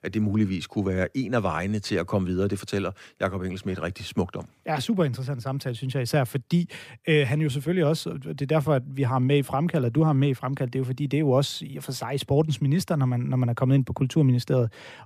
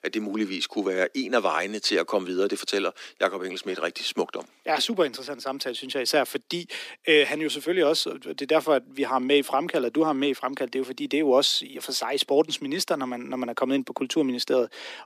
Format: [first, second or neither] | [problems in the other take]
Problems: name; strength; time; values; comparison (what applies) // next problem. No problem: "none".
first | thin; somewhat; fading below 300 Hz